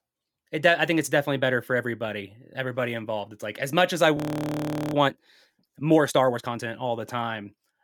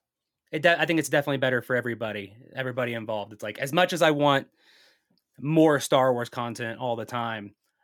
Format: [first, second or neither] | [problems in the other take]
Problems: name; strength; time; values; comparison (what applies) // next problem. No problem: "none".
second | audio freezing; at 4 s for 1 s